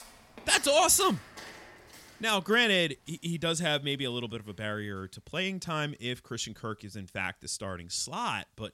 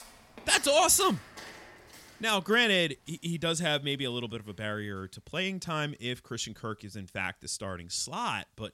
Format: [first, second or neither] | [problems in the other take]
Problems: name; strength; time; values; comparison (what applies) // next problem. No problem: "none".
neither | rain or running water; noticeable; throughout; 20 dB below the speech; the same in both